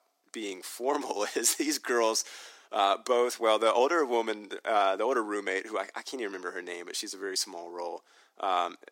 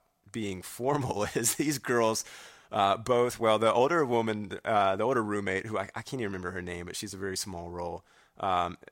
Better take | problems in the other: second | thin; somewhat; fading below 250 Hz

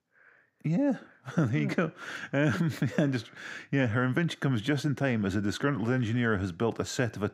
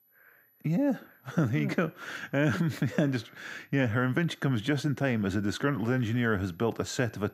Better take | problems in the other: first | high-pitched whine; faint; throughout; 12 kHz, 35 dB below the speech

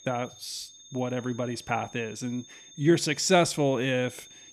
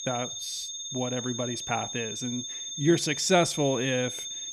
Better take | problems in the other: first | high-pitched whine; loud; throughout; 6.5 kHz, 5 dB below the speech; faint in the first

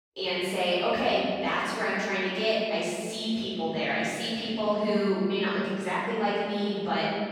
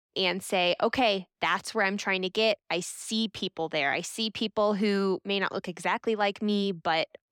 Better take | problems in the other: second | room echo; strong; dies away in 2.7 s // off-mic speech; far

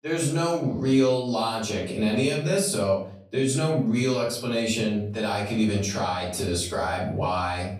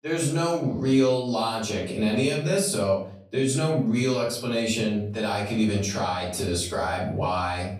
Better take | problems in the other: neither | room echo; noticeable; dies away in 0.5 s; the same in both // off-mic speech; far; the same in both

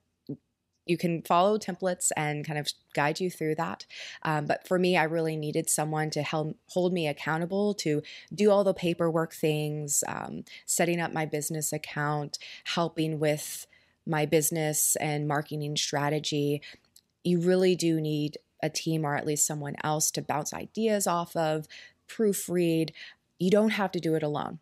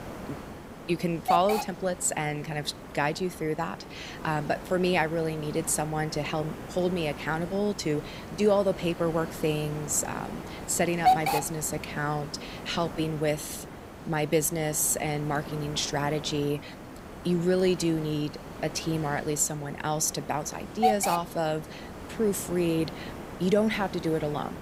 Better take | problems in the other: first | hiss; loud; throughout; 8 dB below the speech

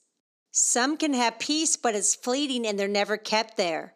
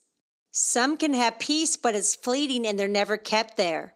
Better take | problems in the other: first | garbled, watery; slightly; nothing above 15.5 kHz

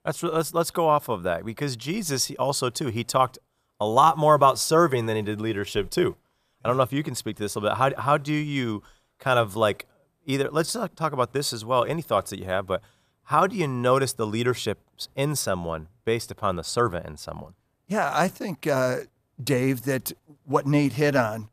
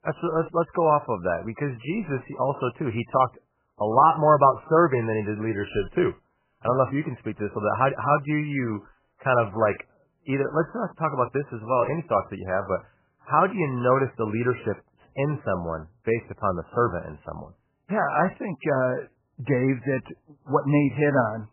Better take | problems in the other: first | garbled, watery; badly; nothing above 3 kHz

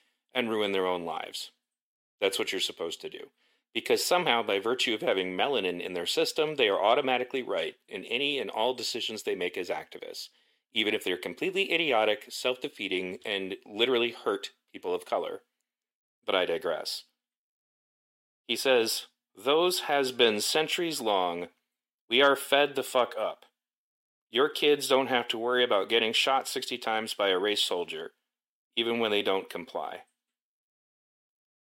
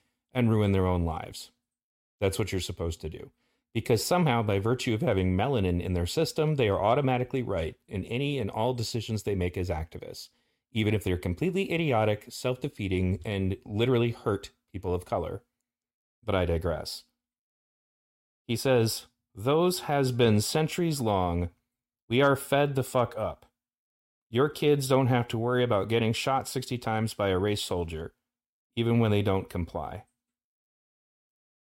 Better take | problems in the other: second | thin; somewhat; fading below 300 Hz

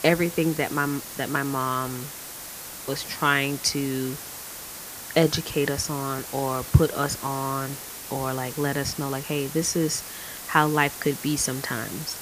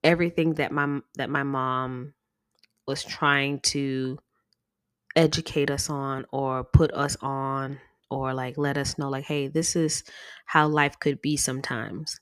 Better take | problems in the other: second | hiss; loud; throughout; 9 dB below the speech

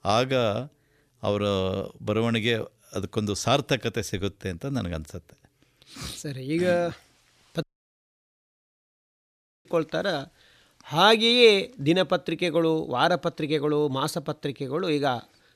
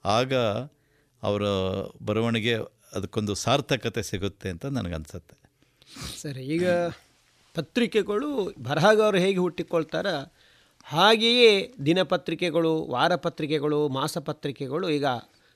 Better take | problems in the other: second | audio cutting out; at 7.5 s for 2 s

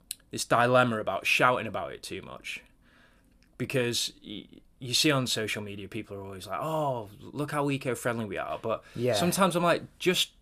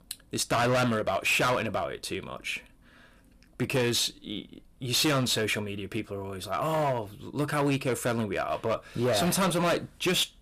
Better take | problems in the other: first | distortion; heavy; 11% of the sound clipped

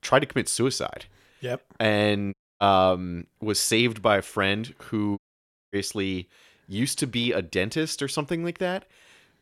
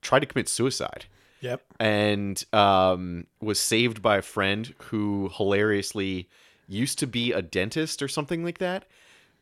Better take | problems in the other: second | audio cutting out; at 2.5 s and at 5 s for 0.5 s

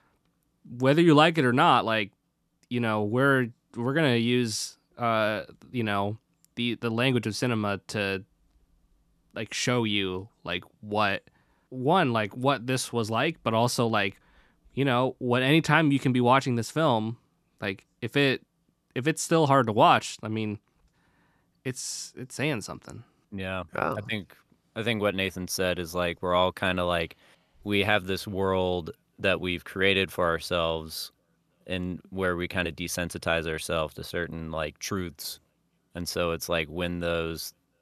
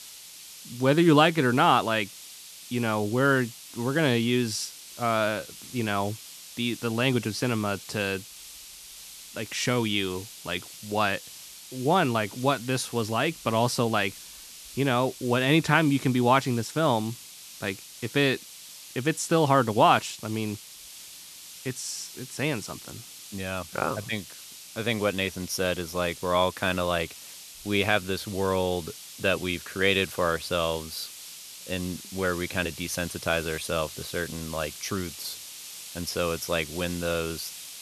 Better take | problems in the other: first | hiss; noticeable; throughout; 15 dB below the speech

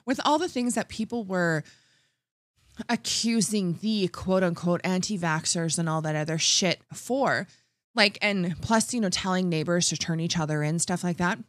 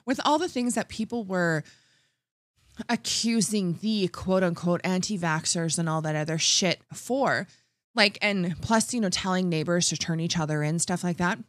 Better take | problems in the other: neither | none

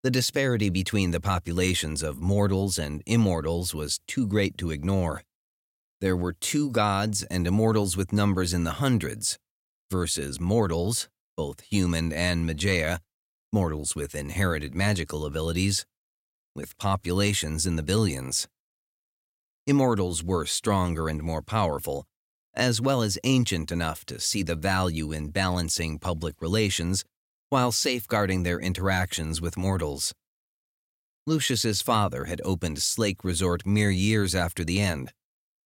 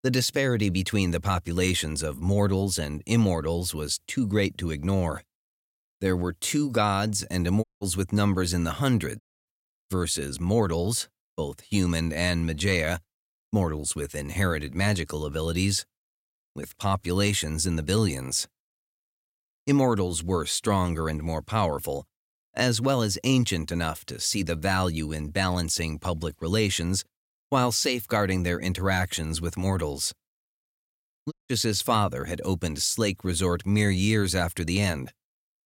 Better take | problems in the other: first | audio cutting out; at 7.5 s, at 9 s and at 31 s

